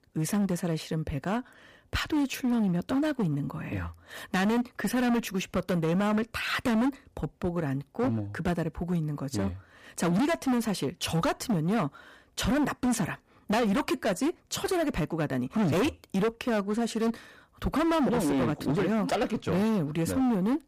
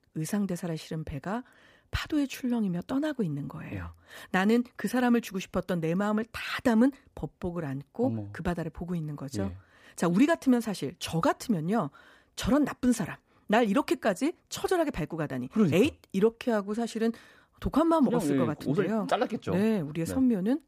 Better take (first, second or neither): second